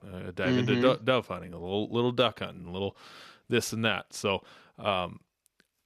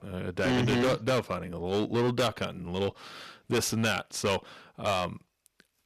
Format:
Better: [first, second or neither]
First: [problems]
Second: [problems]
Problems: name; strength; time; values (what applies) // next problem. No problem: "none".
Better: first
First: none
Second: distortion; heavy; 11% of the sound clipped